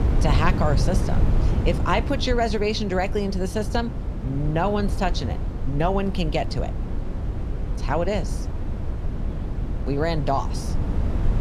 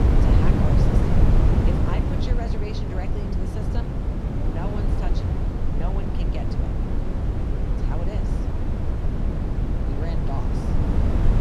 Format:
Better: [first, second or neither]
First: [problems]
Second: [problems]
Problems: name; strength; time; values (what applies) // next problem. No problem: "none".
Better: first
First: wind noise on the microphone; occasional gusts; 10 dB below the speech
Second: wind noise on the microphone; heavy; 5 dB above the speech